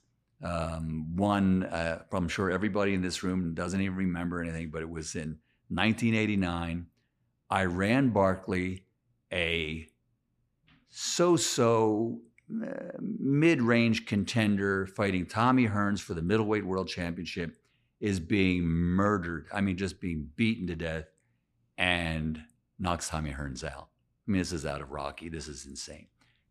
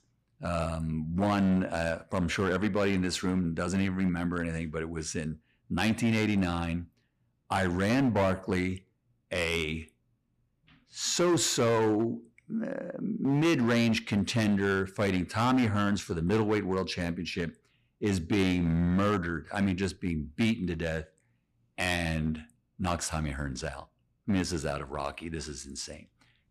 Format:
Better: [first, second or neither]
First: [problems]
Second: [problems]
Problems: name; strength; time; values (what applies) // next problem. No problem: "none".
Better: first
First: none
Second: distortion; slight; 6% of the sound clipped